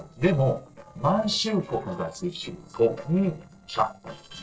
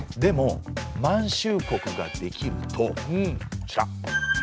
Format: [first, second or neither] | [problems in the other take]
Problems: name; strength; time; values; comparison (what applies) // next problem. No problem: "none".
second | noise reduction (neural separator model SepFormer DNS4)